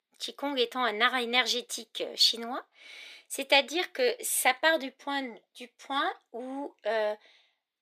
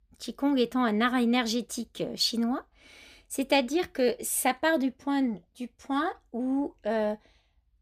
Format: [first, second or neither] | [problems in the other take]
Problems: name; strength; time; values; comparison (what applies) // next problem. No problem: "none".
second | thin; somewhat; fading below 400 Hz